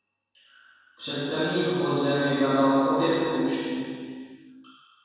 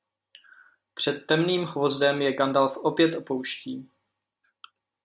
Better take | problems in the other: second | room echo; dies away in 2.1 s

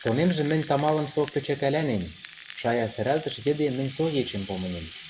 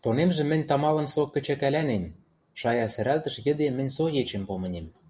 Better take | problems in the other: second | background sound (Rattle (instrument)); 18 dB below the speech

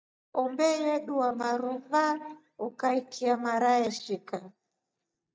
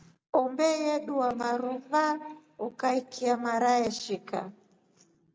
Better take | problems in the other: second | noise reduction (neural mask model DeepFilterNet 3)

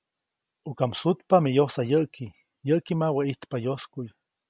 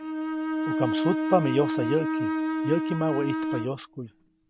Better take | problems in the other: first | background sound (Bowed string instrument); as loud as the speech

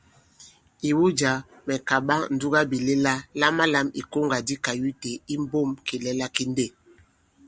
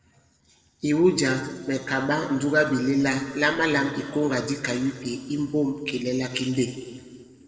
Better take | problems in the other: first | noise reduction (neural separator model SepFormer DNS4)

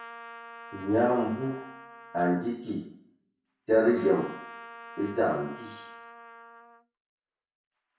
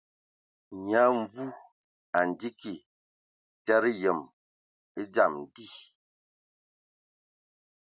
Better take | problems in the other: second | background sound (Trumpet); 17 dB below the speech // room echo; dies away in 0.6 s

